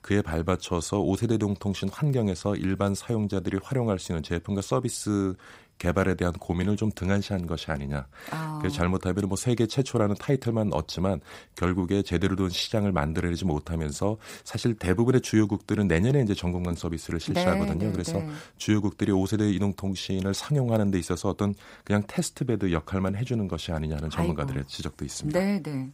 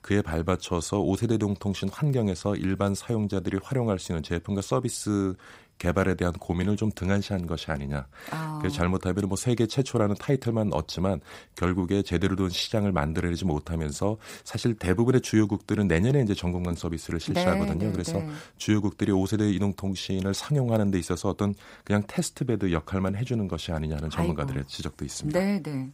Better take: neither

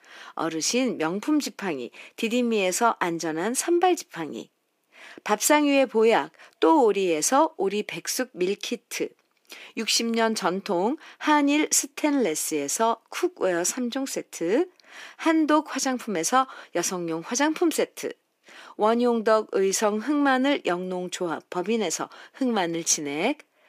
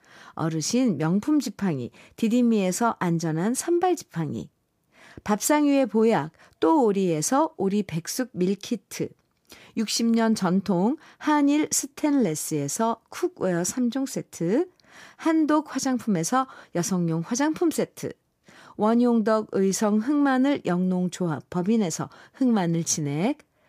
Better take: second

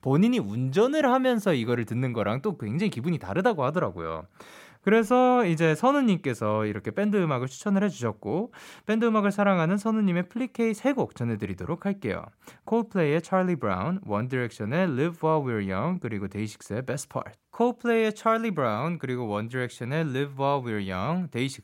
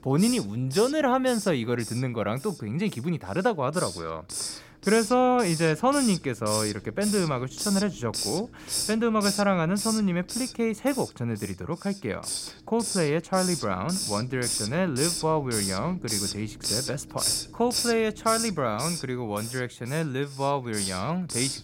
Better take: first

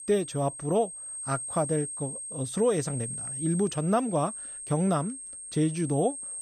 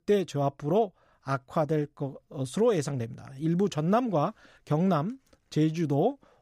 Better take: second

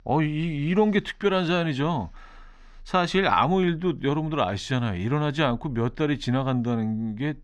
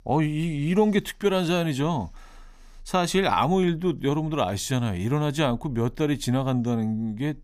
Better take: second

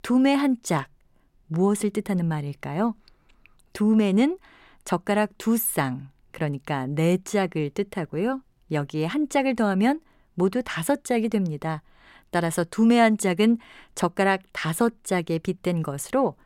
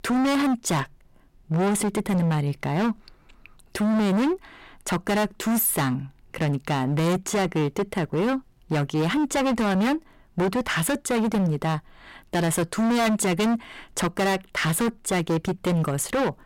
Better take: first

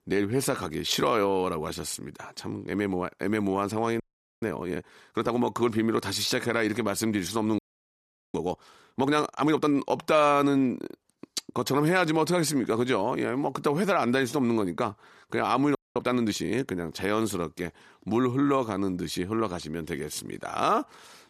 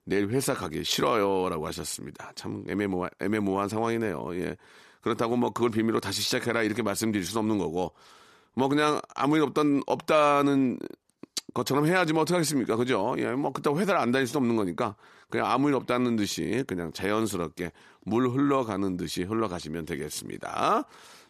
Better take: second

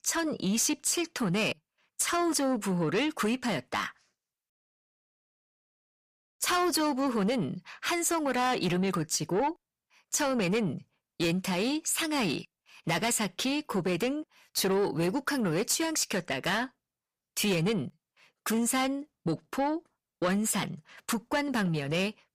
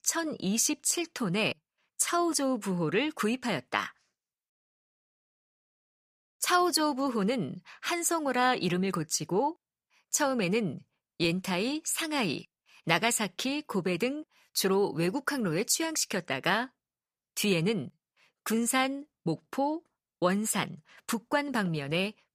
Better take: second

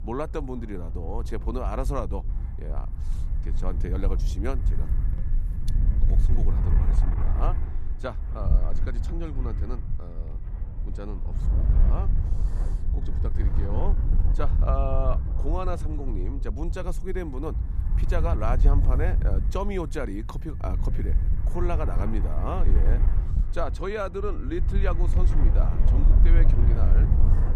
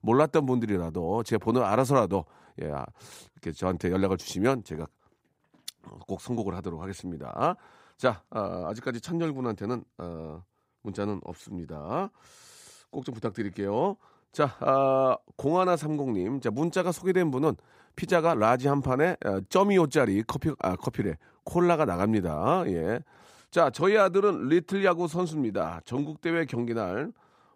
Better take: second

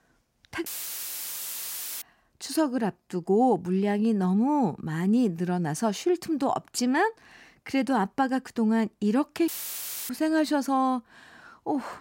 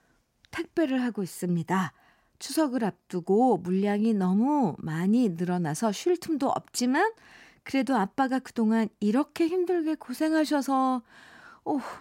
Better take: second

